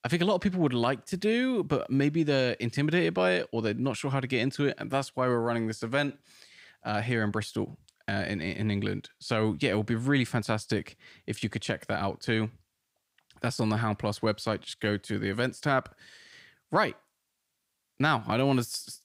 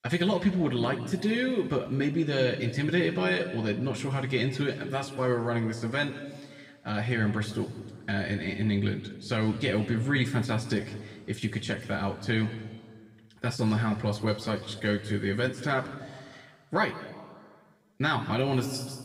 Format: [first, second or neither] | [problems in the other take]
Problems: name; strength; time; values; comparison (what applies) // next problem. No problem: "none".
first | room echo; noticeable; dies away in 1.5 s // off-mic speech; somewhat distant